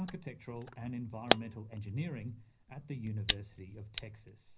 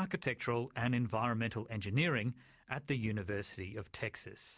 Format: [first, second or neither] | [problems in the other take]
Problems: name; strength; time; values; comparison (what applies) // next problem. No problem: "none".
second | background sound (Camera); 2 dB above the speech // room echo; dies away in 0.4 s